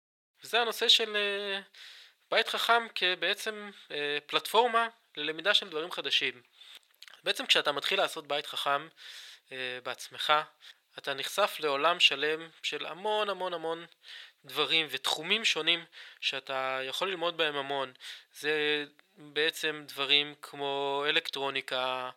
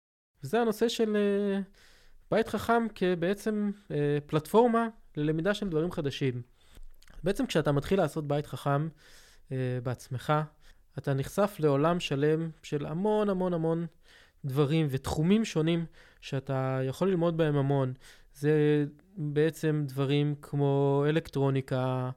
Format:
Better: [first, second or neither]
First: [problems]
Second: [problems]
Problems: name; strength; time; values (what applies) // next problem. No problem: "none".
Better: second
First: thin; very; fading below 750 Hz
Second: none